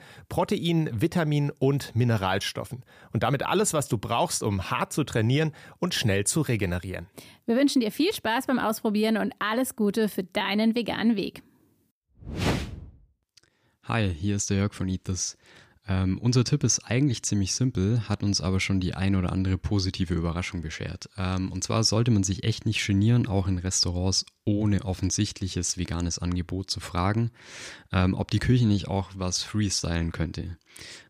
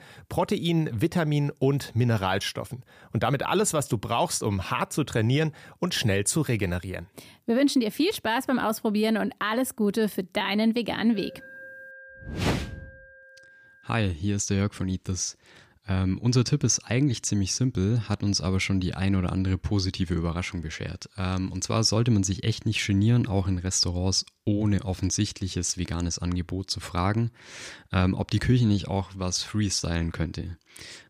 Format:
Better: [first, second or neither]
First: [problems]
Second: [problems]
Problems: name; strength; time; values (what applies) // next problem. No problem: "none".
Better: first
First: none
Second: alarm; faint; from 11 to 14 s; peak 15 dB below the speech